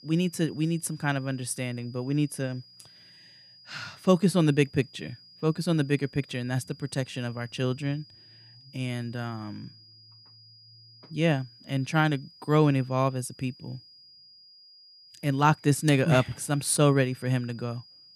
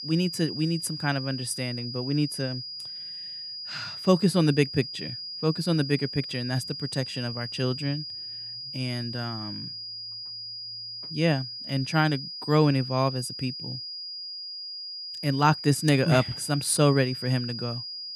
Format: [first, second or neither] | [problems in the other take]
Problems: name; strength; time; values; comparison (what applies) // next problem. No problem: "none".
first | high-pitched whine; loud; throughout; 5 kHz, 8 dB below the speech; faint in the first